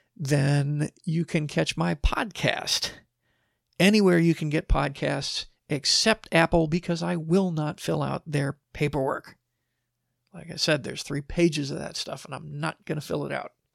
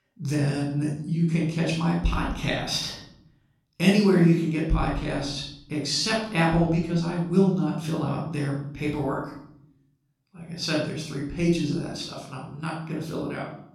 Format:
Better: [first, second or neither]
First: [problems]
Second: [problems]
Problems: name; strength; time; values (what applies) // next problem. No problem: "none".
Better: first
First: none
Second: off-mic speech; far // room echo; noticeable; dies away in 0.8 s